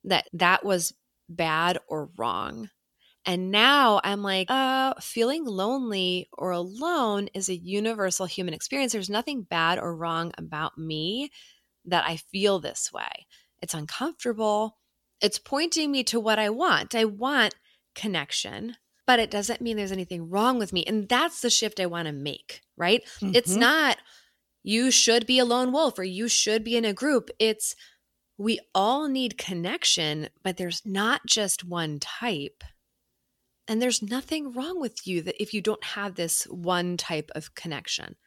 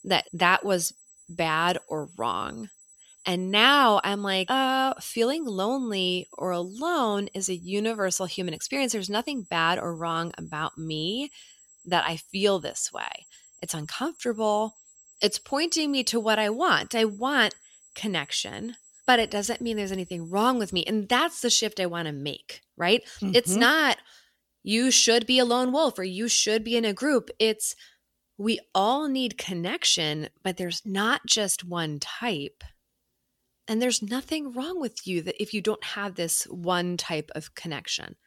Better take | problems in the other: first | high-pitched whine; faint; until 21 s; 7.5 kHz, 25 dB below the speech

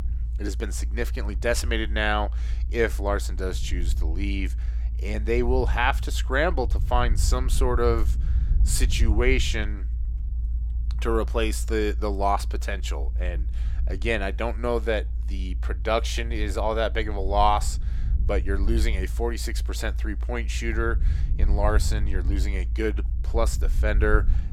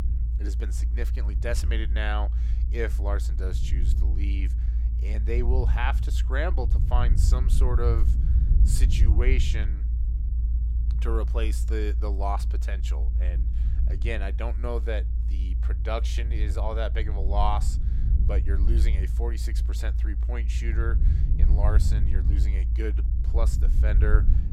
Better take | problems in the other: first | low rumble; loud; throughout; 10 dB below the speech; faint in the first

